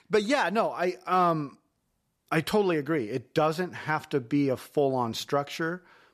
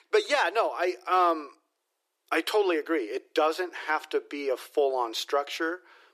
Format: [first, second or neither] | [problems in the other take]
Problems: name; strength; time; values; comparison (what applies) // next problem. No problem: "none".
first | thin; very; fading below 300 Hz